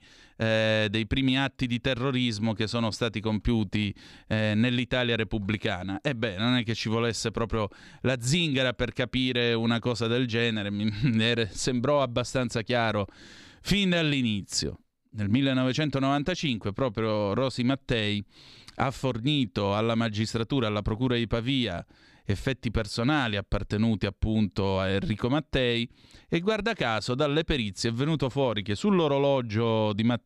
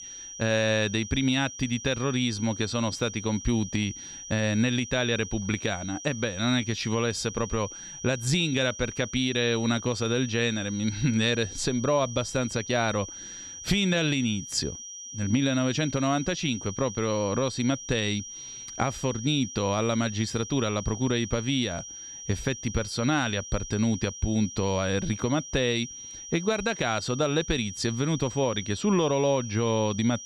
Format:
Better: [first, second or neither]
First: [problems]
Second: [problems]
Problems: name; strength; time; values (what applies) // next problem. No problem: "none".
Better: first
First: none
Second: high-pitched whine; noticeable; throughout; 5.5 kHz, 10 dB below the speech